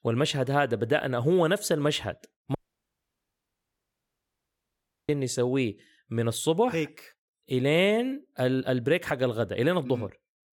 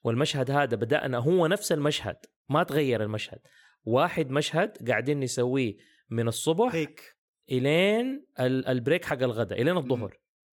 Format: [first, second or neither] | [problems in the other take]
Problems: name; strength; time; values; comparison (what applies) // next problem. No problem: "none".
second | audio cutting out; at 2.5 s for 2.5 s